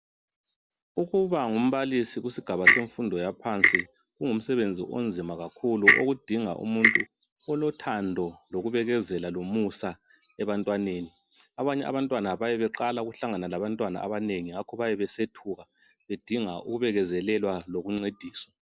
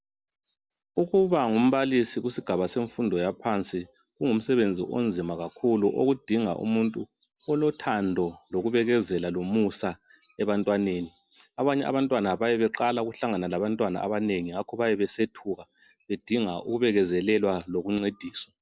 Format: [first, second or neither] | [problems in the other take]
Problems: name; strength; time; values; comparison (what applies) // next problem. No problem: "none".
second | background sound (Clock); 3 dB above the speech